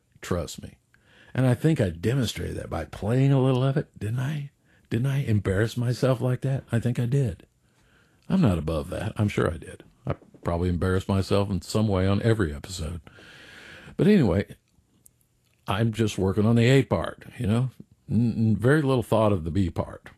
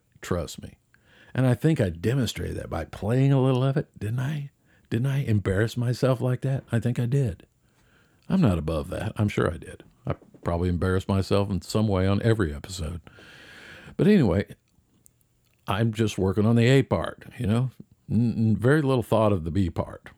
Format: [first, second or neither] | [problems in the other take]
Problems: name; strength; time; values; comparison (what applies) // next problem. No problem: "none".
second | garbled, watery; slightly; nothing above 13 kHz